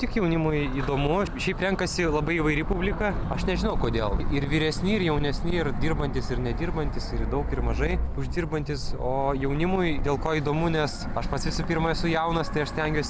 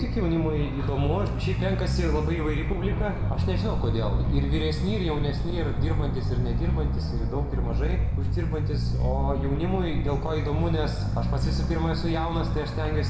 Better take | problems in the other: first | background sound (Bass guitar); as loud as the speech // room echo; dies away in 1.1 s

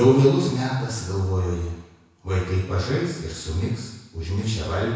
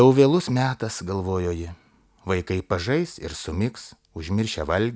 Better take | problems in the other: second | room echo; dies away in 1 s

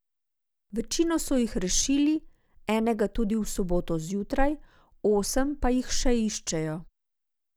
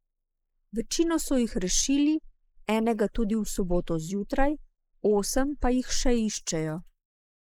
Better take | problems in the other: first | noise reduction (neural mask model Resemble Enhance denoiser)

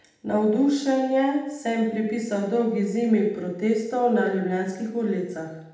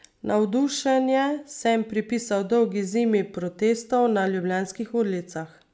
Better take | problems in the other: second | room echo; dies away in 0.8 s

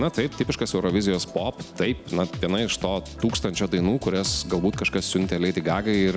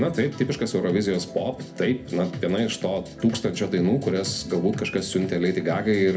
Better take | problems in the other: first | room echo; dies away in 0.3 s

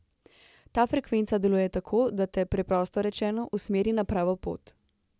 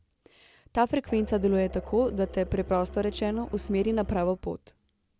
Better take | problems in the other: first | background sound (Musical instrument); 13 dB below the speech

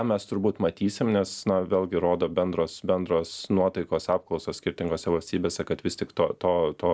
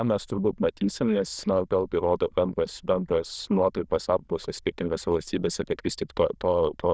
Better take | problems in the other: first | noise reduction (neural diffusion model UNIVERSE++)

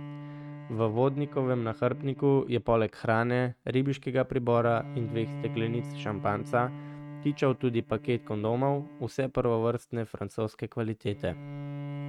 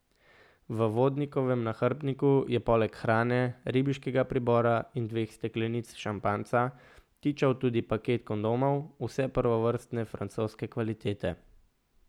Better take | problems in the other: second | noise reduction (neural mask model RNNoise)

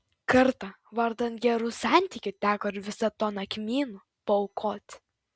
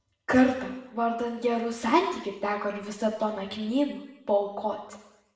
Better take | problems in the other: first | room echo; dies away in 0.9 s

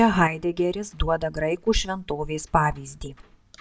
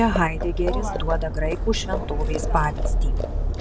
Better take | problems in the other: first | background sound (Livestock, farm animals, working animals); 2 dB above the speech

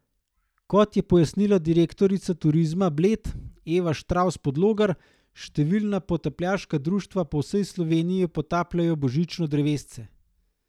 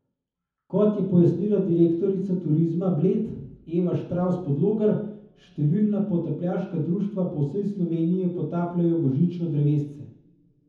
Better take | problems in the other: first | room echo; dies away in 0.7 s

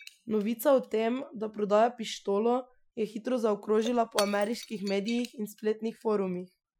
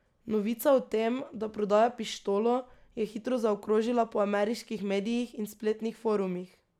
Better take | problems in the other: second | noise reduction (classical method Wiener filter)

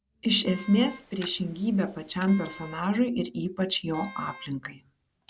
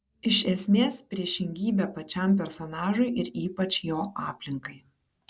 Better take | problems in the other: second | background sound (Wind instrument, woodwind instrument + Tick-tock); 19 dB below the speech

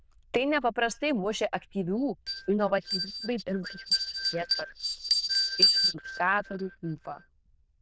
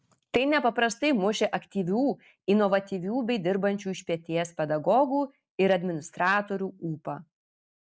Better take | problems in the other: second | noise reduction (neural diffusion model UNIVERSE++)

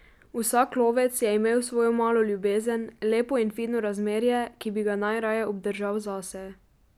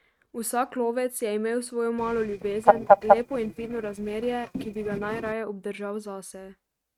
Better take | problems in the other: first | noise reduction (neural mask model RNNoise)

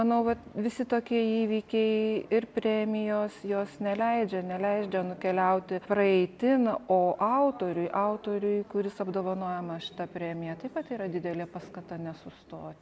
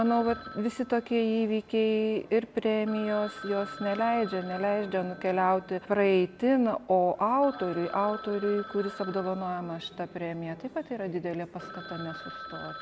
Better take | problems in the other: first | background sound (Telephone); 17 dB below the speech

